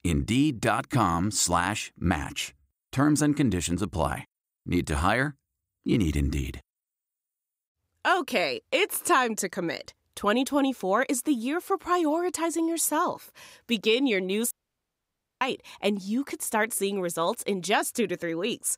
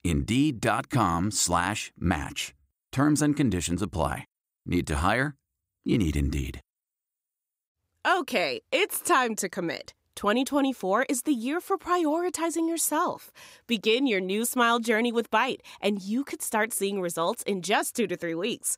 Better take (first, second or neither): second